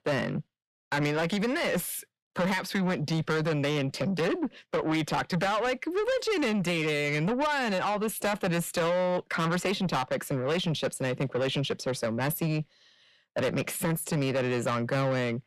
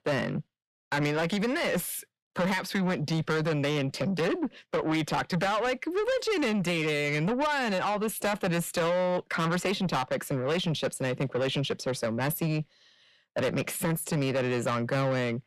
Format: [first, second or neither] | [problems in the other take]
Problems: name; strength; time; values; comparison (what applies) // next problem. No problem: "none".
neither | distortion; heavy; 8 dB below the speech; the same in both